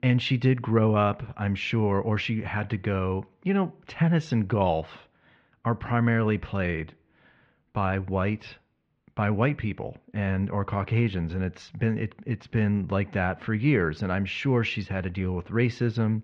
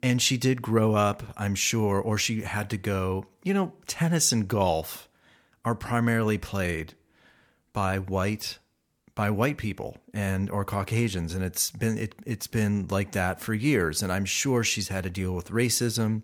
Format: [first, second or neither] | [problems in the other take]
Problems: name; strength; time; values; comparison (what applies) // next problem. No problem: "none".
second | muffled; very; fading above 3 kHz